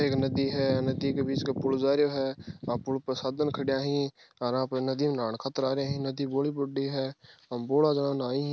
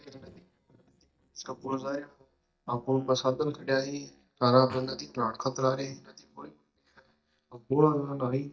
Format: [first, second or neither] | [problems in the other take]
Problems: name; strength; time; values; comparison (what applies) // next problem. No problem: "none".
first | noise reduction (neural mask model DeepFilterNet 3)